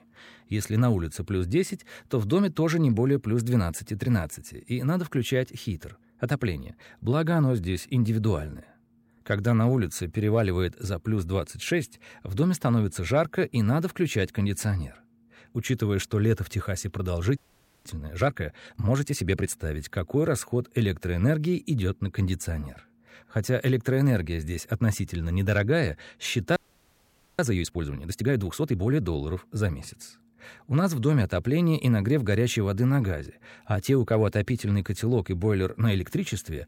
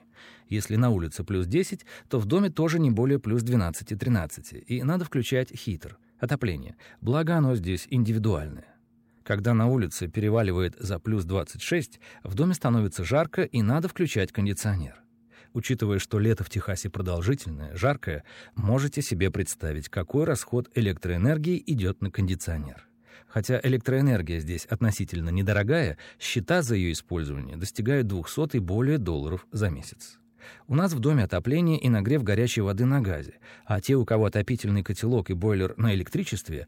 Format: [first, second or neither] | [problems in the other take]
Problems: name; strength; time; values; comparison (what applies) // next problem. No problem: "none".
second | audio freezing; at 17 s and at 27 s for 1 s